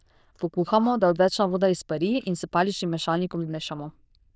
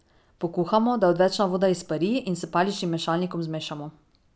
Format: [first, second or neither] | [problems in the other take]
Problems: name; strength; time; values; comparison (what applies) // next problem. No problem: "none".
second | noise reduction (neural diffusion model UNIVERSE++)